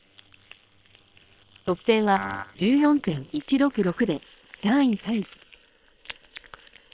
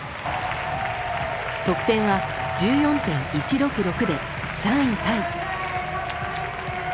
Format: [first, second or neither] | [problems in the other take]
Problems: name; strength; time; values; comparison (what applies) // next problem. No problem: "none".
second | noise reduction (neural separator model SepFormer WHAM!)